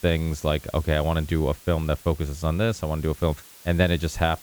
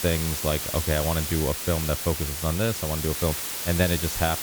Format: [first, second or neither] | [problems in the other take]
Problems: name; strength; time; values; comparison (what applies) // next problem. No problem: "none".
first | hiss; loud; throughout; 2 dB below the speech; faint in the first